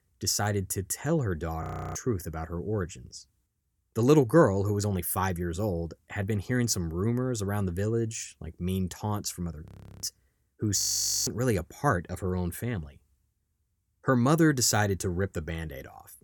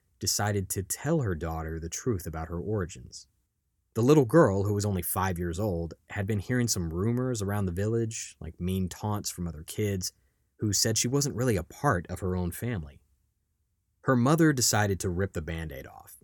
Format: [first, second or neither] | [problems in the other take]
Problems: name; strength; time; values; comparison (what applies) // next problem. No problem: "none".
second | audio freezing; at 1.5 s, at 9.5 s and at 11 s